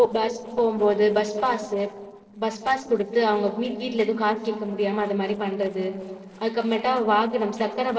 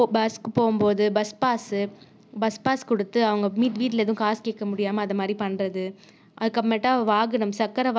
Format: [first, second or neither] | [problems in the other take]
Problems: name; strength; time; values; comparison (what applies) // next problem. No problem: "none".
second | noise reduction (neural separator model SepFormer DNS4)